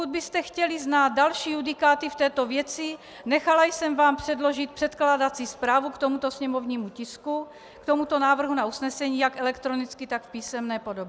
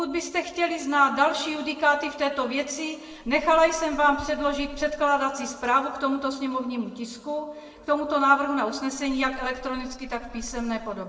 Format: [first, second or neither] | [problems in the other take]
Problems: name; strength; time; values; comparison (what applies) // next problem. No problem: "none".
first | noise reduction (neural separator model SepFormer DNS4)